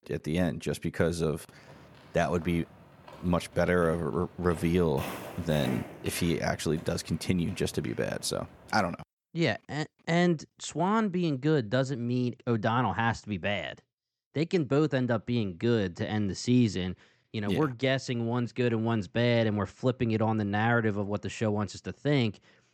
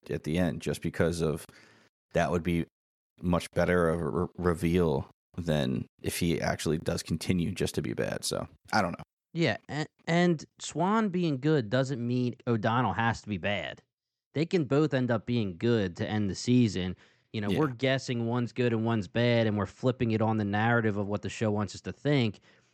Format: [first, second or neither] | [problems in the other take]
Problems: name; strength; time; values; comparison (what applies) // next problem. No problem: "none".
second | footsteps; noticeable; from 1.5 to 9 s; peak 8 dB below the speech